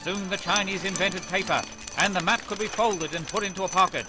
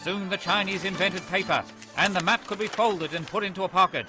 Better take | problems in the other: second | background sound (Drip); 11 dB below the speech

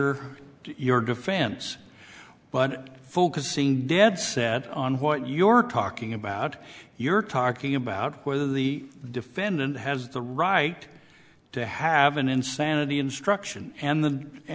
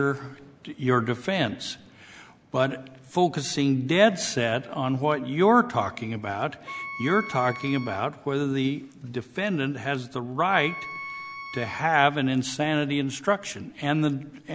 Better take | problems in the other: first | background sound (Wind instrument, woodwind instrument); 14 dB below the speech

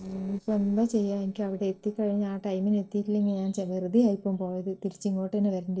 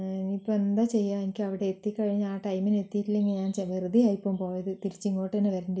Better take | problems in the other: second | noise reduction (neural separator model SepFormer DNS4)

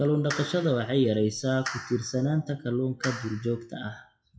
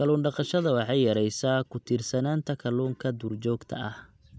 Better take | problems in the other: second | noise reduction (classical method WPE with log-MMSE)

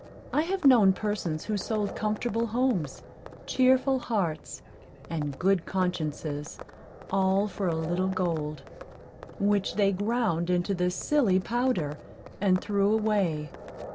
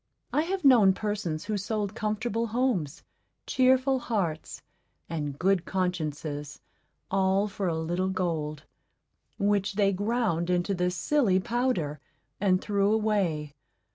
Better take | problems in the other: second | background sound (Livestock, farm animals, working animals); 16 dB below the speech

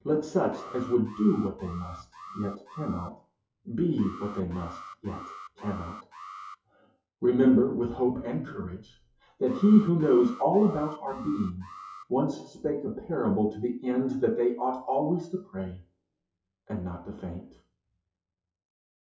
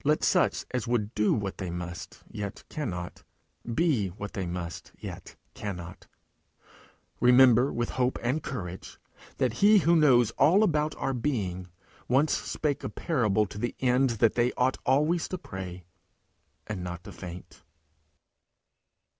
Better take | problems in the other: second | noise reduction (classical method WPE with log-MMSE)

